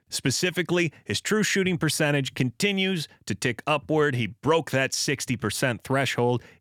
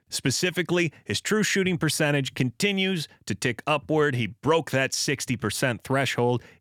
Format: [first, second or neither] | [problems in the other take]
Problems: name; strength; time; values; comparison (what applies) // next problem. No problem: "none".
neither | none